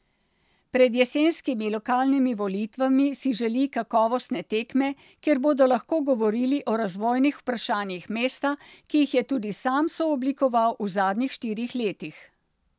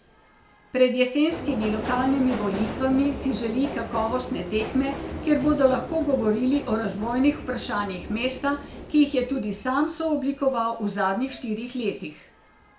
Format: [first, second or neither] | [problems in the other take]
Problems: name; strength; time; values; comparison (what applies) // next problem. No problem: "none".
first | background sound (Subway, metro, underground); 11 dB below the speech // room echo; dies away in 0.3 s